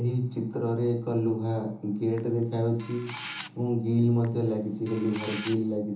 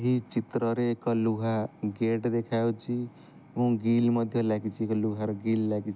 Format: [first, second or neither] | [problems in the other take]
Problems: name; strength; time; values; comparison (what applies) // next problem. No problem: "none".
second | background sound (Camera); 16 dB below the speech // room echo; dies away in 1.2 s